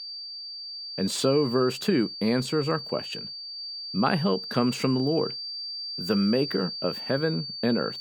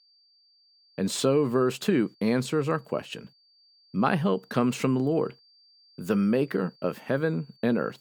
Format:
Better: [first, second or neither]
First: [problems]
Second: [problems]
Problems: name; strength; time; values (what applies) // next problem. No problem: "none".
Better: second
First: high-pitched whine; loud; throughout; 4.5 kHz, 7 dB below the speech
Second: high-pitched whine; faint; throughout; 4.5 kHz, 30 dB below the speech